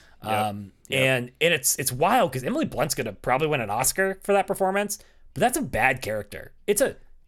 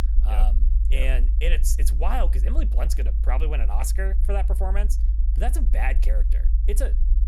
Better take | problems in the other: first | low rumble; noticeable; throughout; 10 dB below the speech

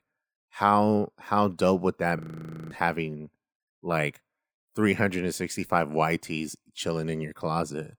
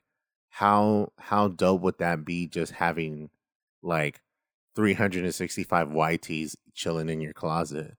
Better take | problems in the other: second | audio freezing; at 2 s for 0.5 s

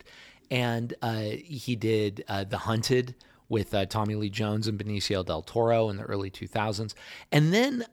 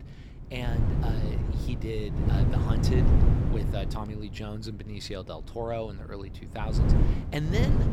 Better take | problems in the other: first | wind noise on the microphone; heavy; as loud as the speech

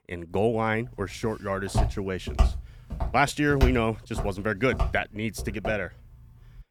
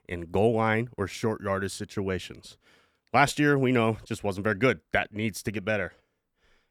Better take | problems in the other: second | footsteps; loud; from 2 to 5.5 s; peak 1 dB above the speech

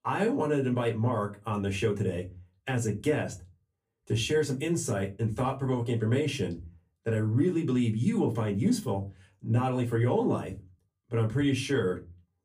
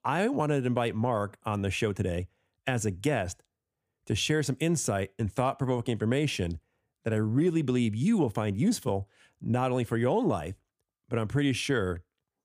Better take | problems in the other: second | off-mic speech; far // room echo; very slight; dies away in 0.2 s

